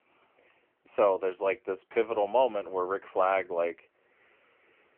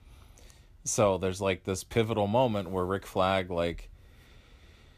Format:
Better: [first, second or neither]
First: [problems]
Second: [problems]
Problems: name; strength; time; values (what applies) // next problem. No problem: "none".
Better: second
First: phone-call audio; poor line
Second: none